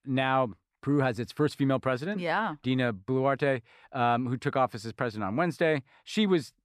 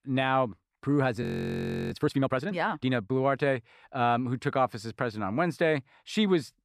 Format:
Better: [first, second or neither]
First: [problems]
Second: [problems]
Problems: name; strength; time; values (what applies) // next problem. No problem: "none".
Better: first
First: none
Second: audio freezing; at 1 s for 0.5 s